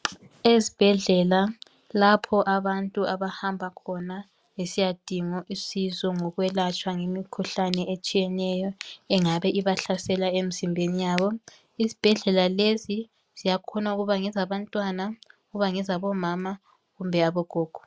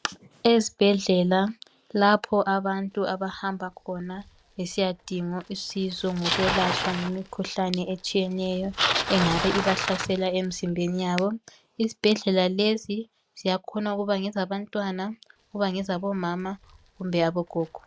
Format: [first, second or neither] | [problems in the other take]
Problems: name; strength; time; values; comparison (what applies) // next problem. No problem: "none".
first | background sound (Bicycle); 9 dB below the speech